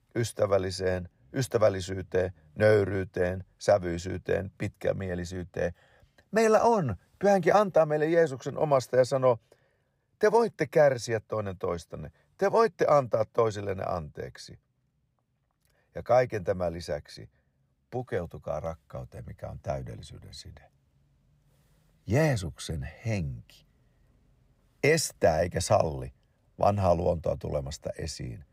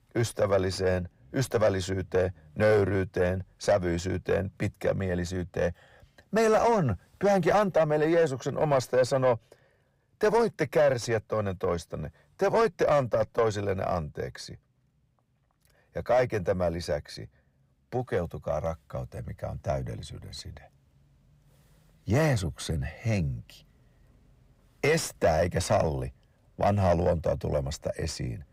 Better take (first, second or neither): first